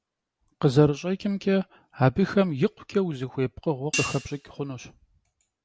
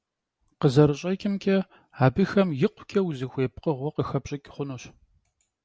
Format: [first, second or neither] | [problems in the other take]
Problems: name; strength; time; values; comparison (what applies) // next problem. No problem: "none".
second | background sound (Hi-hat); 10 dB below the speech